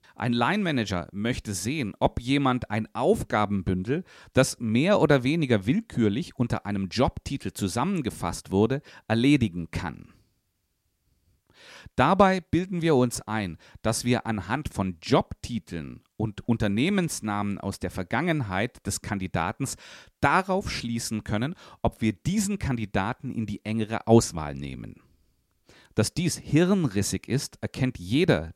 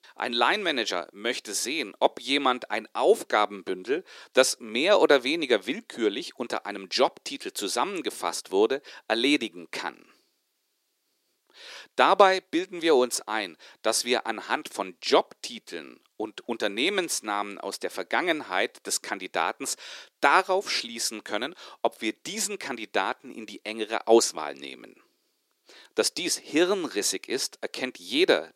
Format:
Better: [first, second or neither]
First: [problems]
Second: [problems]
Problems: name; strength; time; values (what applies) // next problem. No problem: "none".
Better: first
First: none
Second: thin; somewhat; fading below 350 Hz